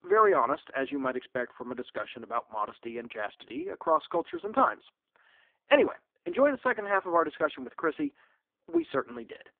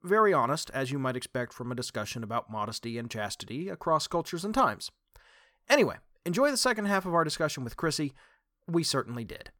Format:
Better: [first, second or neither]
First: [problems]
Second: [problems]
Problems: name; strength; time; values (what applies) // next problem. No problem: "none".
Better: second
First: phone-call audio; poor line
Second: none